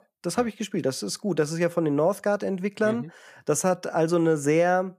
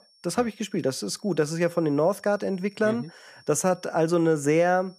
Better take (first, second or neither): first